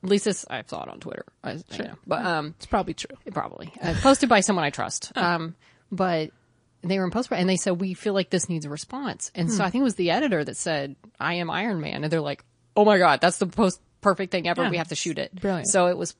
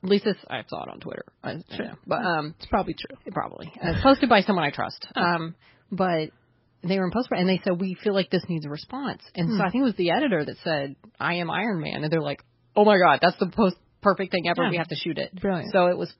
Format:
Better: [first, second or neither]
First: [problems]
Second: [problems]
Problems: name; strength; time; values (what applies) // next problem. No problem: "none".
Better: first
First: garbled, watery; slightly; nothing above 10 kHz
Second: garbled, watery; badly; nothing above 5.5 kHz